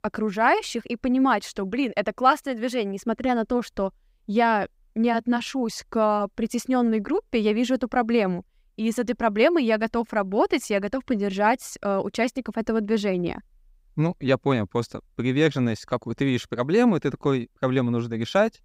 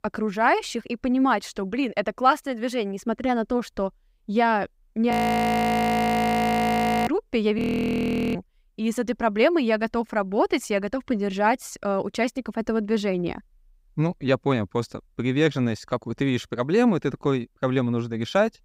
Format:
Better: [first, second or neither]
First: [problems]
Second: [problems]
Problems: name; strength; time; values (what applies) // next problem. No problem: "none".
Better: first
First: none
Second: audio freezing; at 5 s for 2 s and at 7.5 s for 1 s